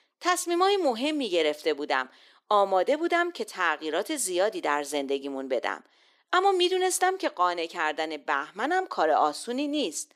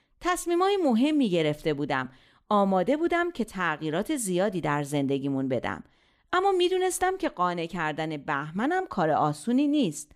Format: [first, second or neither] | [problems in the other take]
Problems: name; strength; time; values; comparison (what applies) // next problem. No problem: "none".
second | thin; somewhat; fading below 350 Hz